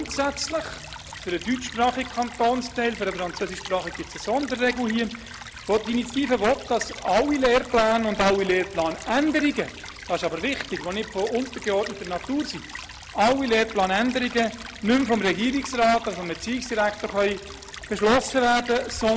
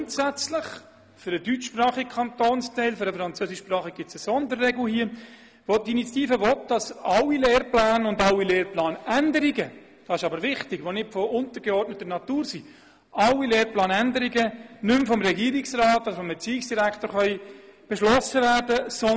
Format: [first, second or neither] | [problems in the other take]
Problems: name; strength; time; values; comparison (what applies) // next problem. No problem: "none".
second | background sound (Stream / Trickle, dribble); 14 dB below the speech